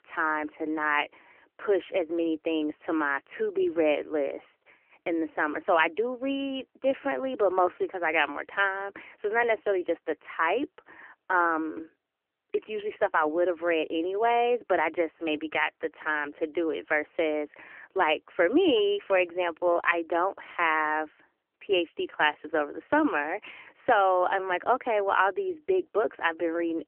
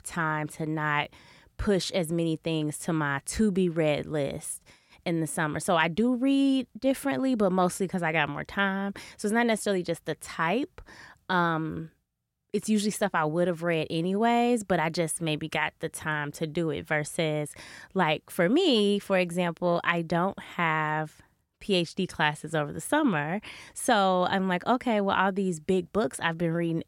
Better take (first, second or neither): second